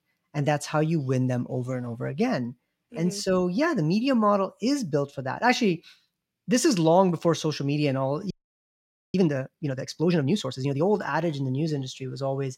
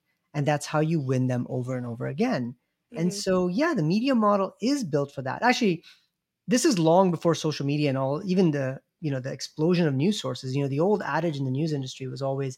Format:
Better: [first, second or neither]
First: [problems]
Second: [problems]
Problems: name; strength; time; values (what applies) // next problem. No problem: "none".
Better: second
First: audio freezing; at 8.5 s for 1 s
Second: none